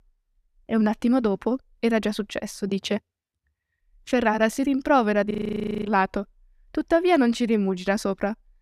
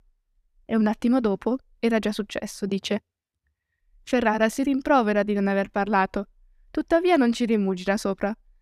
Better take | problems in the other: second | audio freezing; at 5.5 s for 0.5 s

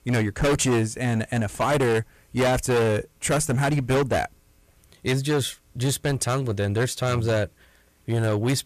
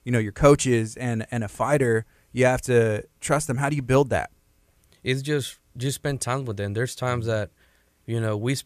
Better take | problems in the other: second | distortion; heavy; 15% of the sound clipped

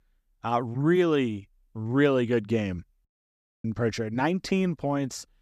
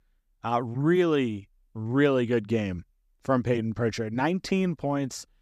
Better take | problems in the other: second | audio cutting out; at 3 s for 0.5 s

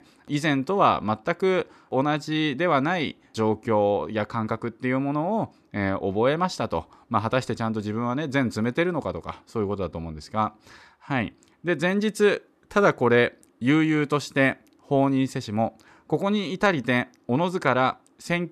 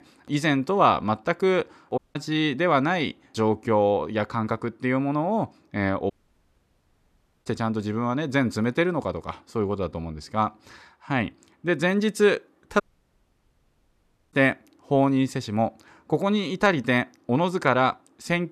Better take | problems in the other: first | audio cutting out; at 2 s, at 6 s for 1.5 s and at 13 s for 1.5 s

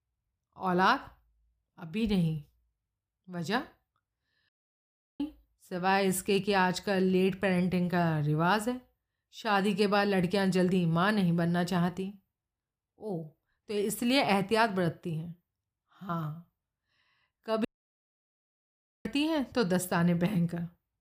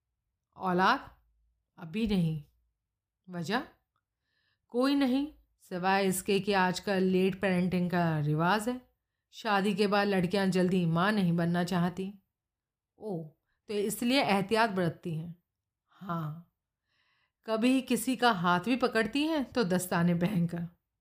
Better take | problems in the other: second | audio cutting out; at 4.5 s for 0.5 s and at 18 s for 1.5 s

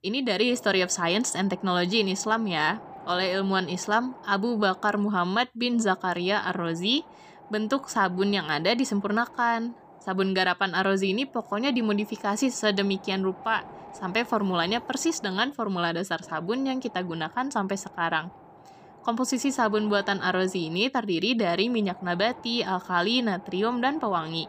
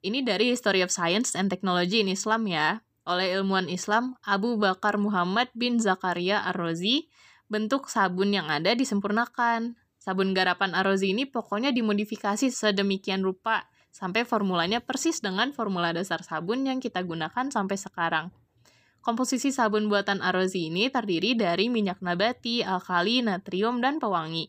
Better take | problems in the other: second | wind noise on the microphone; occasional gusts; 20 dB below the speech

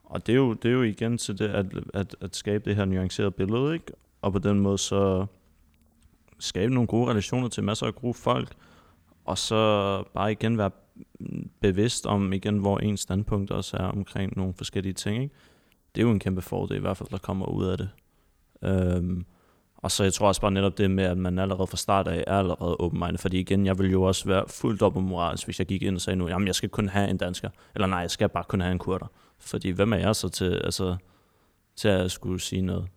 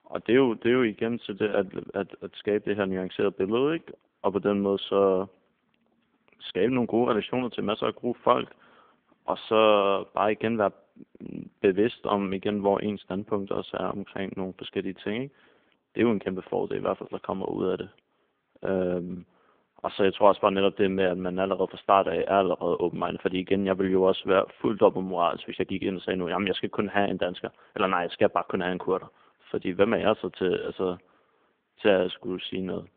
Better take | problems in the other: first | phone-call audio; poor line

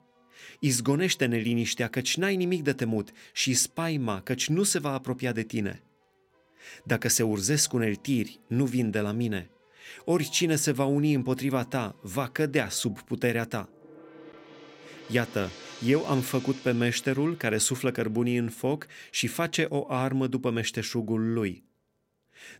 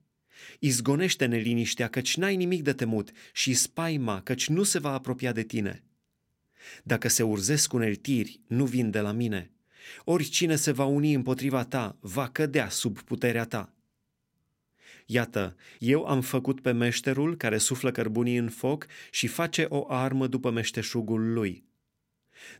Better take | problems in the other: second | background music; faint; throughout; 20 dB below the speech

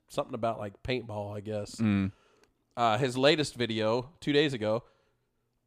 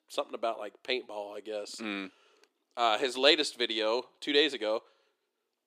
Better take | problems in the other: first | thin; somewhat; fading below 350 Hz

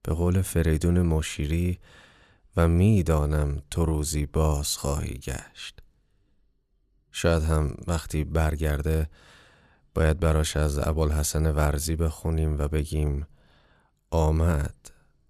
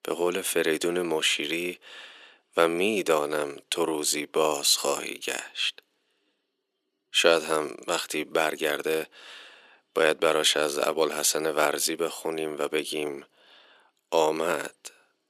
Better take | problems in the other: first | thin; very; fading below 300 Hz

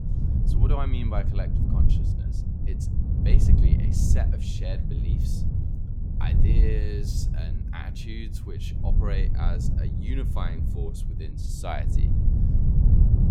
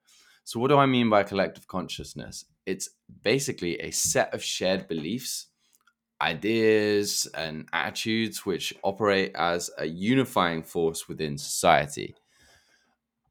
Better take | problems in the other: second | wind noise on the microphone; heavy; 1 dB below the speech

